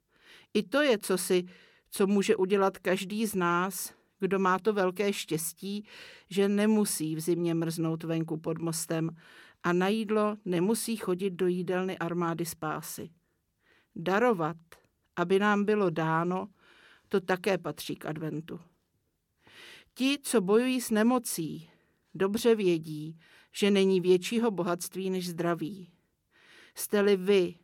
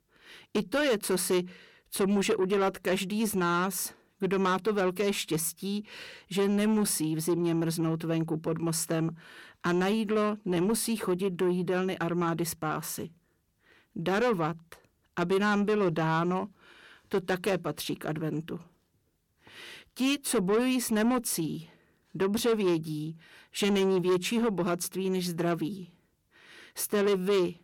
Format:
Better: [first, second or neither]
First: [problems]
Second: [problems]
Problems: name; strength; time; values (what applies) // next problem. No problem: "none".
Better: first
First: none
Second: distortion; slight; 10 dB below the speech